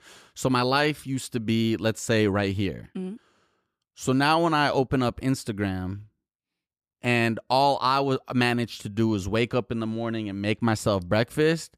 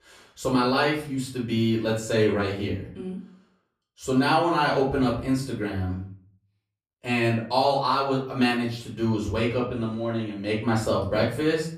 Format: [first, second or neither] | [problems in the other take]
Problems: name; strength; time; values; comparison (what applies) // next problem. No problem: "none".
first | off-mic speech; far // room echo; slight; dies away in 0.4 s